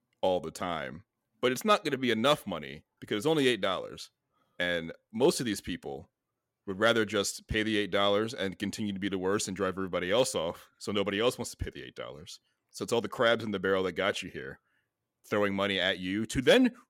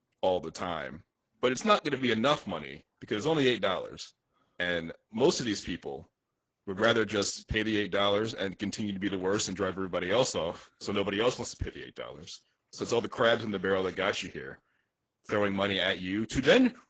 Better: first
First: none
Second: garbled, watery; badly; nothing above 7.5 kHz

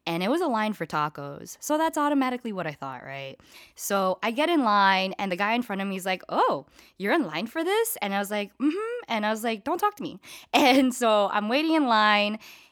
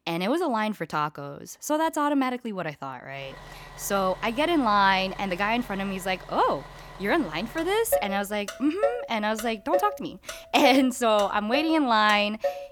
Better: first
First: none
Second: traffic noise; loud; from 3 s on; 10 dB below the speech

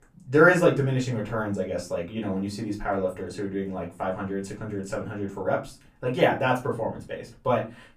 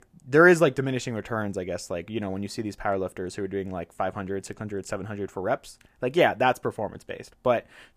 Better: second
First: off-mic speech; far // room echo; very slight; dies away in 0.3 s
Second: none

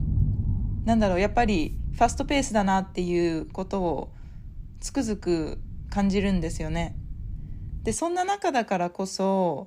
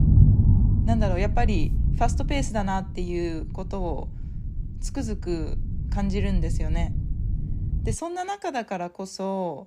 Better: first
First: low rumble; faint; until 8 s; 20 dB below the speech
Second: low rumble; loud; until 8 s; 9 dB below the speech

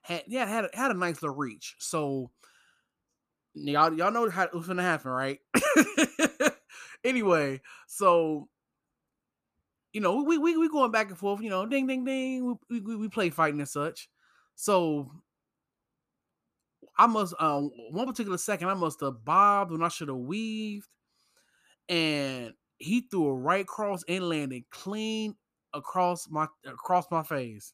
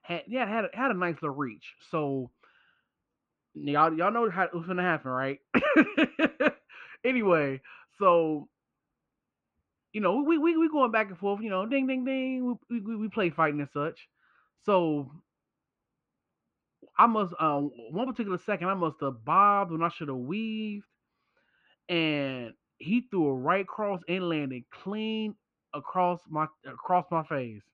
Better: first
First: none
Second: muffled; very; fading above 2.5 kHz

